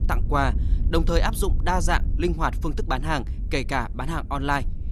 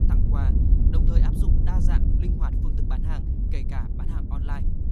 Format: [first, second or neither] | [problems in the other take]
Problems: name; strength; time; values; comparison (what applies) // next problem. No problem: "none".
first | wind noise on the microphone; heavy; 2 dB above the speech; occasional gusts in the first